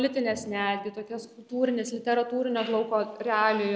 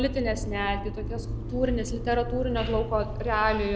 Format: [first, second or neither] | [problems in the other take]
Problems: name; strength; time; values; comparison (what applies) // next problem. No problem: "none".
first | background sound (Motor vehicle (road)); 4 dB below the speech